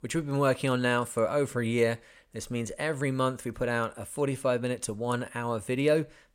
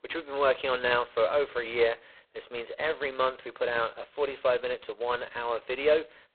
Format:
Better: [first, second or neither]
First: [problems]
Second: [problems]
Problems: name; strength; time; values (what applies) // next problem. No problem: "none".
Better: first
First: none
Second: phone-call audio; poor line; nothing above 4 kHz